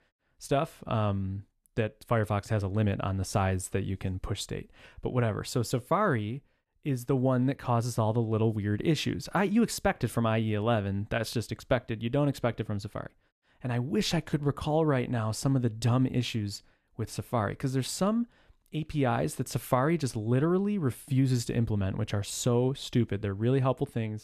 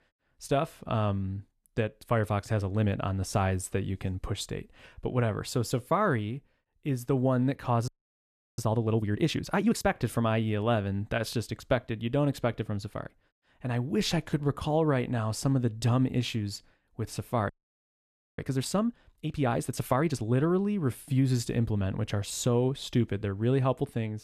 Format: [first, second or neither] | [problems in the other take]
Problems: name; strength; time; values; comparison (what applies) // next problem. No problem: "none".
first | audio freezing; at 8 s for 0.5 s and at 17 s for 1 s